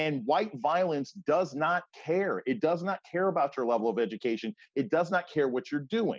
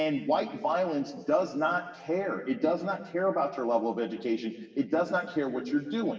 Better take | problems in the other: first | room echo; dies away in 1.2 s

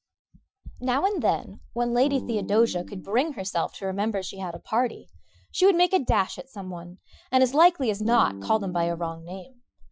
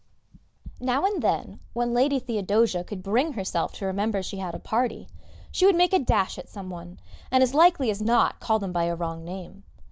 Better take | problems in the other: second | noise reduction (classical method Wiener filter)

